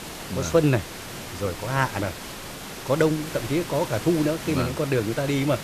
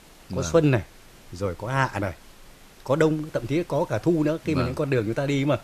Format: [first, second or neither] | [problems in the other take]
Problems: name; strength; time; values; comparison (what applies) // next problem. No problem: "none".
second | hiss; loud; throughout; 10 dB below the speech; faint in the second